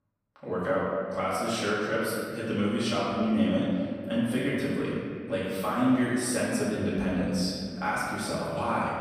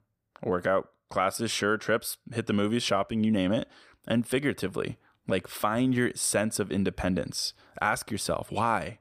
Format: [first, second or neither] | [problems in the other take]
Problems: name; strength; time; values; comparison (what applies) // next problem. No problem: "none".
second | off-mic speech; far // room echo; strong; dies away in 2.3 s